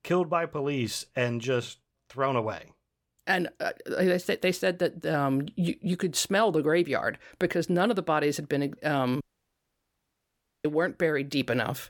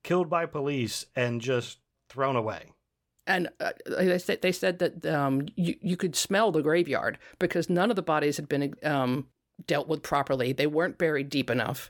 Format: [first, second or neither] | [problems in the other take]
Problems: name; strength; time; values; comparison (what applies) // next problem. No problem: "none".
second | audio cutting out; at 9 s for 1.5 s